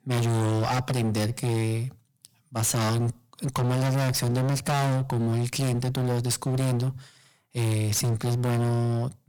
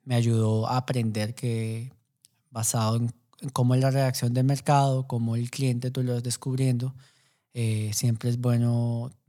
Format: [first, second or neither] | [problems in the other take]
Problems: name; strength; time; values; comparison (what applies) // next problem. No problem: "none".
second | distortion; heavy; 37% of the sound clipped